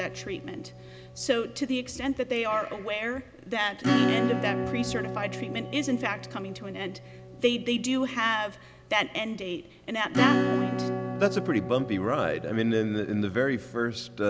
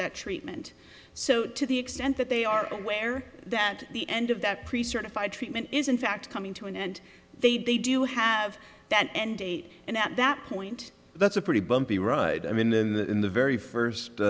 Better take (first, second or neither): second